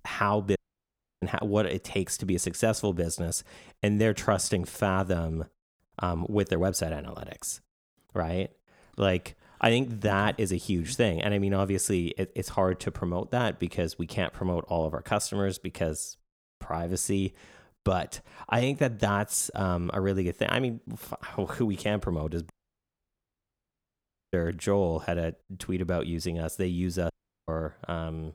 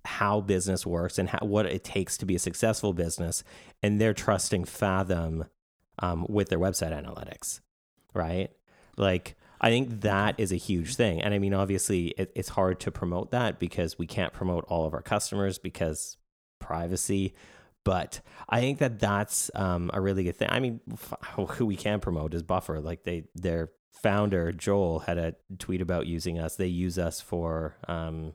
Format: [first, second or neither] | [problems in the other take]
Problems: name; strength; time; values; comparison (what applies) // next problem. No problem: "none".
second | audio cutting out; at 0.5 s for 0.5 s, at 23 s for 2 s and at 27 s